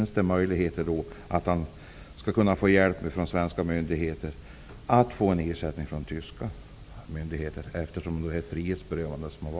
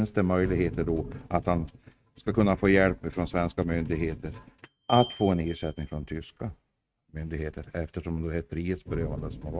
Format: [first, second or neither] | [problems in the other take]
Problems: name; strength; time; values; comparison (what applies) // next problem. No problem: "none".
first | noise reduction (neural mask model RNNoise)